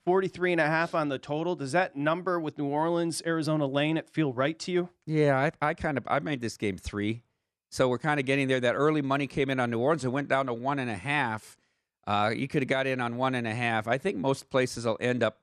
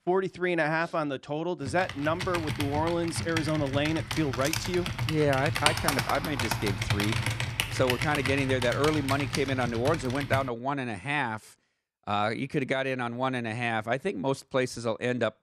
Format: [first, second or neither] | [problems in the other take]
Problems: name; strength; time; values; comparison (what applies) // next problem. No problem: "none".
first | keyboard typing; loud; from 1.5 to 10 s; peak 4 dB above the speech